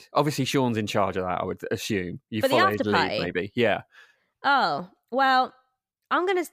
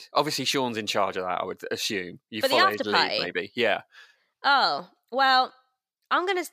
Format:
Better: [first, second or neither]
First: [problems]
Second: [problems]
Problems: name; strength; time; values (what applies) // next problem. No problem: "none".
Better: first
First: none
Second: thin; very slightly; fading below 500 Hz